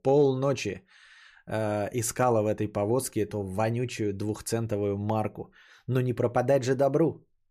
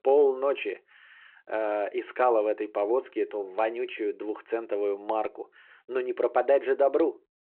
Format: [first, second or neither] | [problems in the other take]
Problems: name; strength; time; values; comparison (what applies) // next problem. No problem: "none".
first | phone-call audio